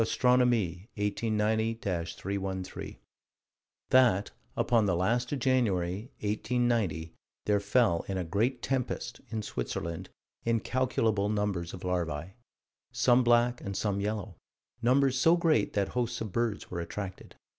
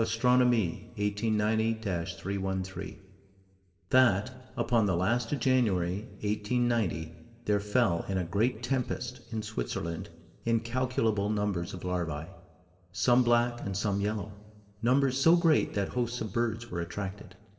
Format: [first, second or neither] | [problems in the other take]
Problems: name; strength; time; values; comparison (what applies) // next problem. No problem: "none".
first | room echo; dies away in 1.4 s